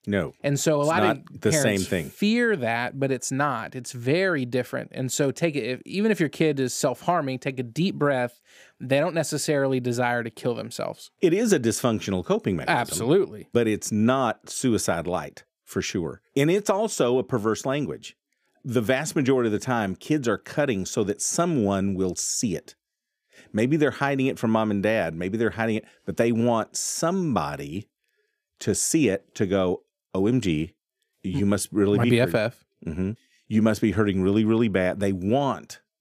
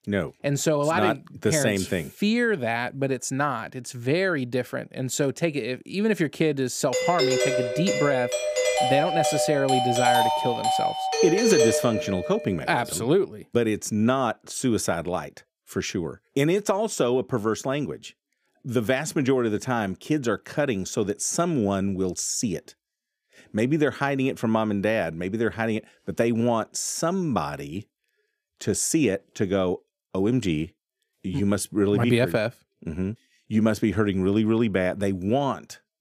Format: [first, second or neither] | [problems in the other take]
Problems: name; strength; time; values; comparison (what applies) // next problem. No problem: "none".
first | doorbell; loud; from 7 to 12 s; peak 4 dB above the speech